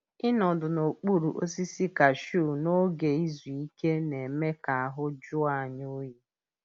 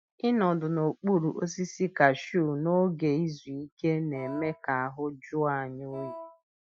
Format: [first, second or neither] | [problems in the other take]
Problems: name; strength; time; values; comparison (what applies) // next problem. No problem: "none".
first | noise reduction (classical method Wiener filter)